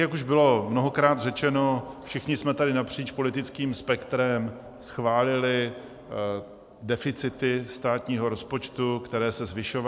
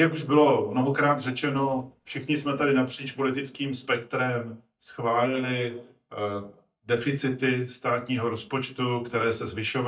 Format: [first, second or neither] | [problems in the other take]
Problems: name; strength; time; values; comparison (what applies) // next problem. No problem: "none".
first | noise reduction (neural mask model DeepFilterNet 3)